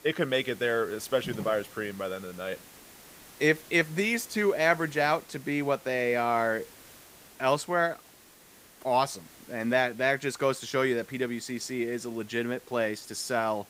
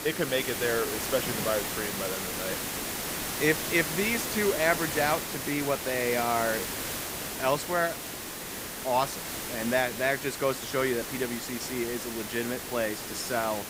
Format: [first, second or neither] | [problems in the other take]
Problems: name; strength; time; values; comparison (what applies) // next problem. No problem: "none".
first | hiss; loud; throughout; 3 dB below the speech; faint in the first